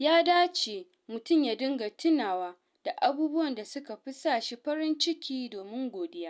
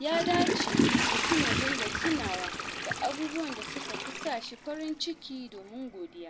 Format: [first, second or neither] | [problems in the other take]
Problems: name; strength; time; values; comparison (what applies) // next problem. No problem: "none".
first | background sound (Toilet flush / Water); 3 dB above the speech